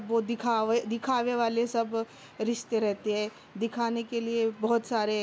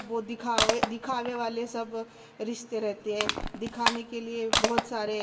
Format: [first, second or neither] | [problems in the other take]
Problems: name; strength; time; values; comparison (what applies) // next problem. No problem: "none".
first | background sound (Crushing); as loud as the speech // room echo; dies away in 1.6 s